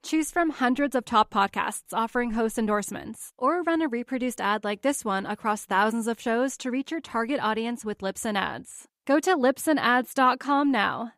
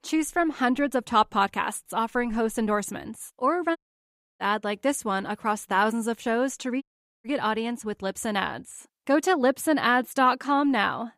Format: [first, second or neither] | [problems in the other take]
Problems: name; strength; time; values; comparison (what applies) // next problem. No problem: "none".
first | audio cutting out; at 4 s for 0.5 s and at 7 s